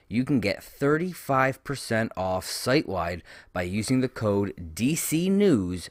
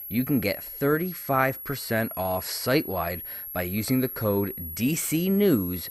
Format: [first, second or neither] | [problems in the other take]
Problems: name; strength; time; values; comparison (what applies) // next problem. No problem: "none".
first | high-pitched whine; loud; throughout; 11.5 kHz, 9 dB below the speech